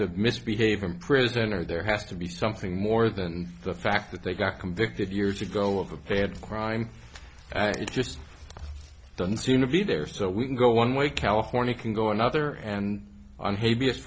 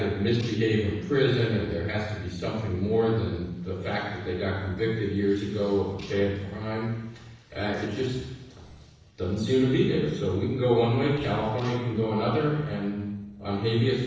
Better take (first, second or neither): first